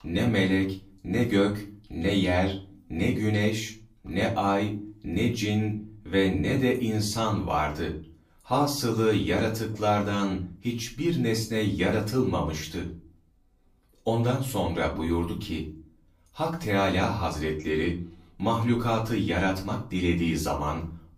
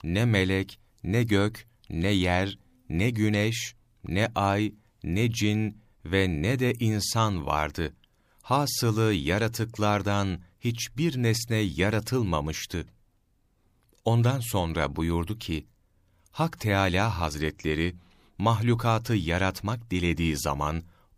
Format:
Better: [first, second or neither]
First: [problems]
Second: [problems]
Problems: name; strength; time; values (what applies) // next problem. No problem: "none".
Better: second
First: room echo; slight; dies away in 0.4 s // off-mic speech; far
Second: none